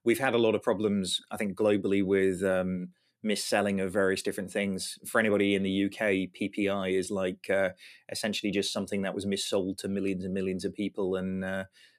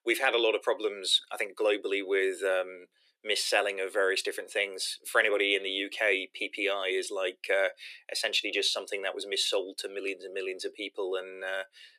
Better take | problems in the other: first | thin; very; fading below 350 Hz

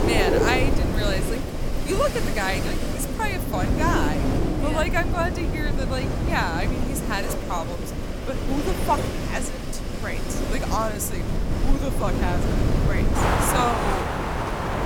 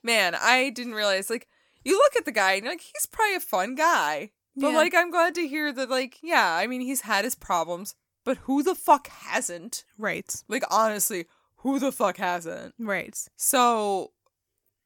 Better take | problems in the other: second | wind in the background; very loud; throughout; 2 dB above the speech

